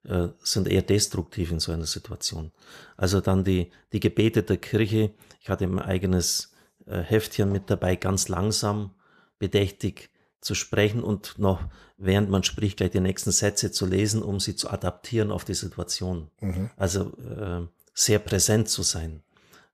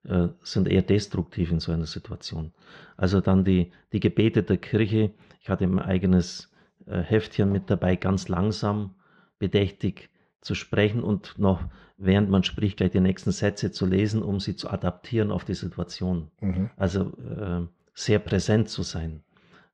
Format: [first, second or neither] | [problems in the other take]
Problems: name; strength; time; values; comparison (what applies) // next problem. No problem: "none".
first | muffled; slightly; fading above 4 kHz